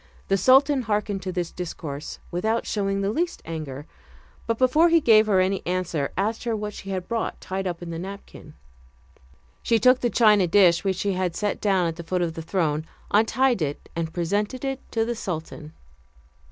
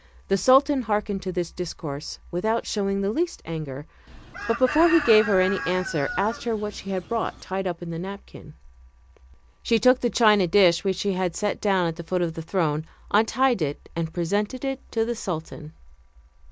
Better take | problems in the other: first | background sound (Chicken, rooster); 9 dB below the speech

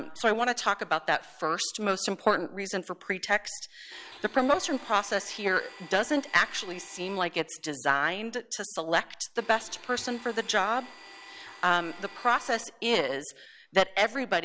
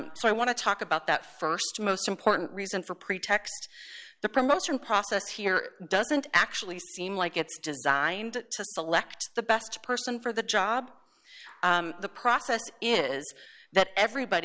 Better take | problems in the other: second | background sound (Domestic sounds, home sounds); 19 dB below the speech

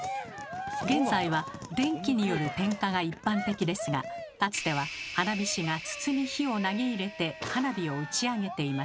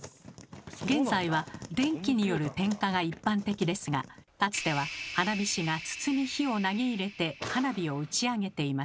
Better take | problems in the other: second | background sound (Cheering); 10 dB below the speech

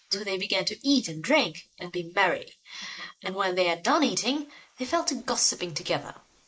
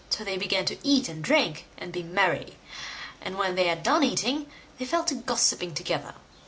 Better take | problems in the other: second | noise reduction (neural mask model Resemble Enhance denoiser)

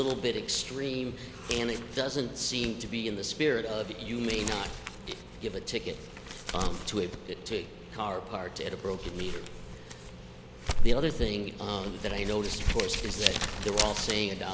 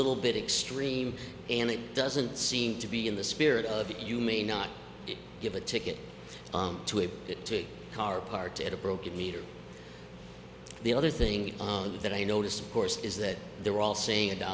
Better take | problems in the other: second | background sound (Crumpling, crinkling); 1 dB below the speech

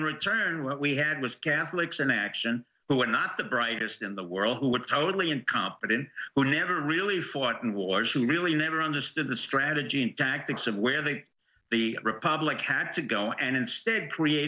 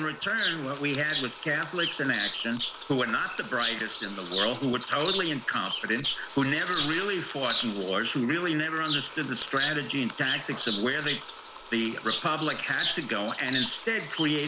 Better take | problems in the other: first | background sound (Bird vocalization, bird call, bird song); 7 dB below the speech

